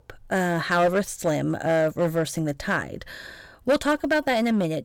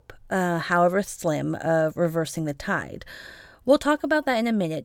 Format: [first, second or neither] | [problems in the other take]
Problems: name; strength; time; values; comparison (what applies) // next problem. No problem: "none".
second | distortion; slight; 6% of the sound clipped